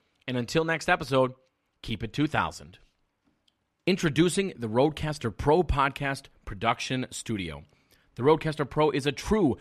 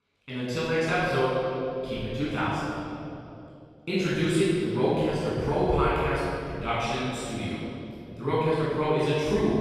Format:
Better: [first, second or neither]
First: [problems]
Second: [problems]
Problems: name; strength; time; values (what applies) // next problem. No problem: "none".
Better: first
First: none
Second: off-mic speech; far // room echo; strong; dies away in 2.6 s